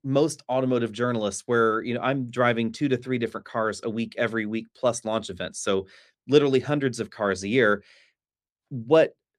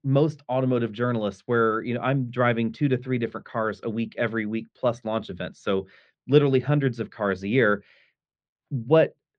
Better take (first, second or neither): first